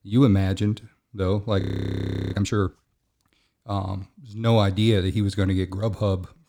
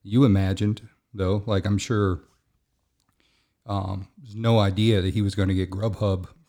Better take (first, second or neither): second